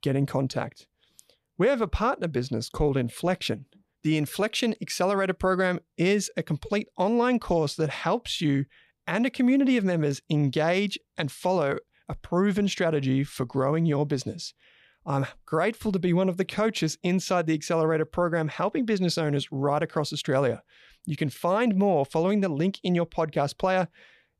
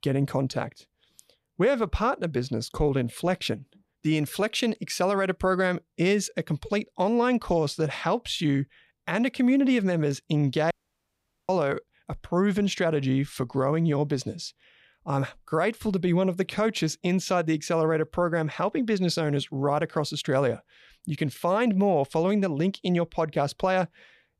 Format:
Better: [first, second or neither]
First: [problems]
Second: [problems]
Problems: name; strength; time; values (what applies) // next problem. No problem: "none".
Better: first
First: none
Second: audio cutting out; at 11 s for 1 s